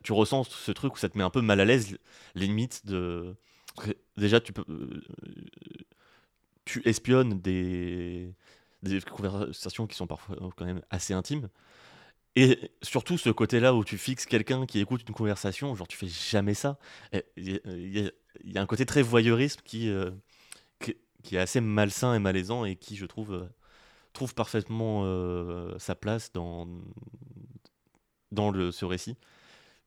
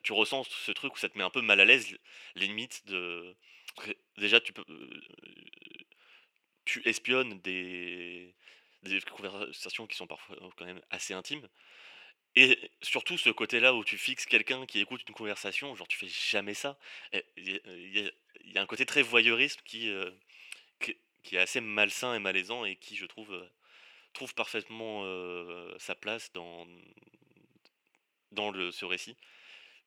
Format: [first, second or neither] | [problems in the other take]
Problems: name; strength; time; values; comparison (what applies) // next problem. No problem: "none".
first | thin; somewhat; fading below 350 Hz